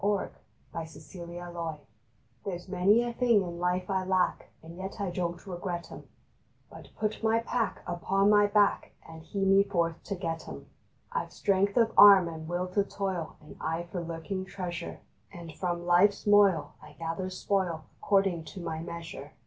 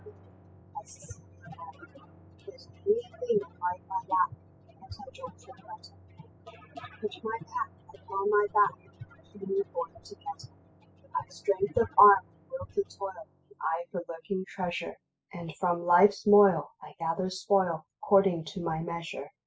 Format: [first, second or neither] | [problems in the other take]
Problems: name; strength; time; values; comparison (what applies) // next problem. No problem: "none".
first | noise reduction (classical method spectral subtraction)